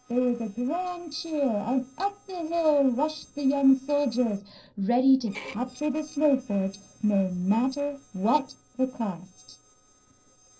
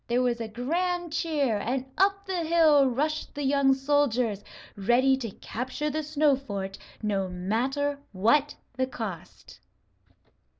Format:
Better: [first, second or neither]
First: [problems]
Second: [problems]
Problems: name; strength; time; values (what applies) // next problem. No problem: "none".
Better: second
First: noise reduction (neural separator model SepFormer DNS4)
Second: none